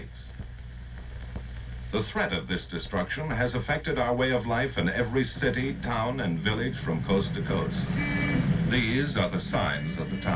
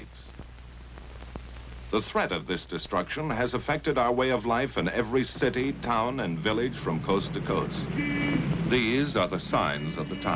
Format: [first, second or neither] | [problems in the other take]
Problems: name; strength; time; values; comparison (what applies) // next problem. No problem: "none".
second | background sound (Breathing); 17 dB below the speech // room echo; dies away in 0.2 s